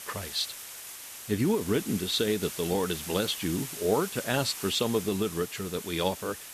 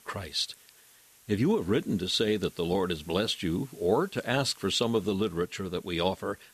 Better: second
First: hiss; loud; throughout; 9 dB below the speech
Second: hiss; faint; throughout; 25 dB below the speech

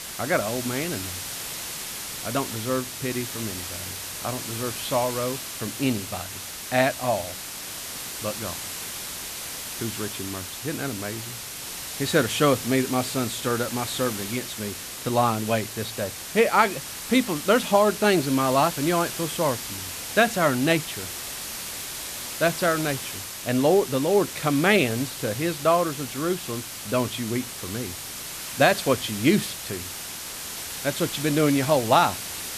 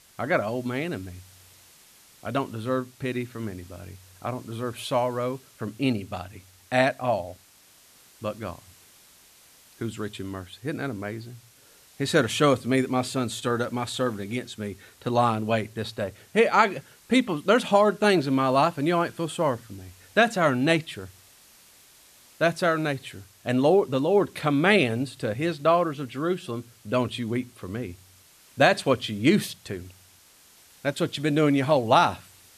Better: second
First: hiss; loud; throughout; 7 dB below the speech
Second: hiss; faint; throughout; 25 dB below the speech

